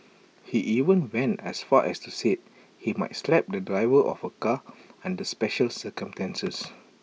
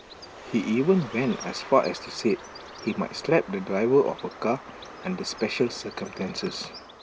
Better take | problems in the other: first | background sound (Bird); 15 dB below the speech

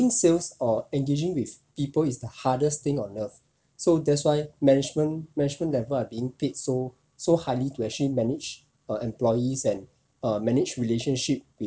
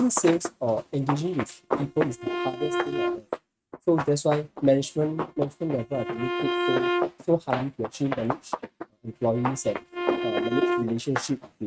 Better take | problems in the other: first | noise reduction (neural mask model RNNoise)

